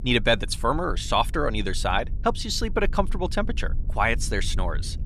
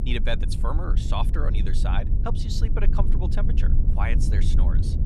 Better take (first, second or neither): first